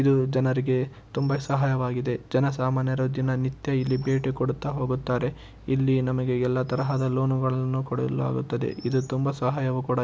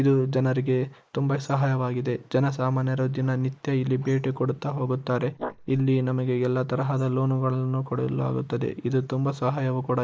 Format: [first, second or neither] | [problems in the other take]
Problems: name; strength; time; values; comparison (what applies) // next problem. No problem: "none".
first | noise reduction (neural mask model Resemble Enhance denoiser)